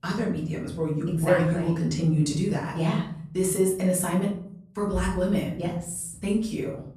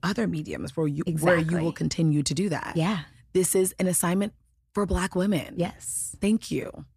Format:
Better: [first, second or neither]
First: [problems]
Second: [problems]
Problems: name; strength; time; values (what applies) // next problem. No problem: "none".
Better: second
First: room echo; slight; dies away in 0.6 s // off-mic speech; far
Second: none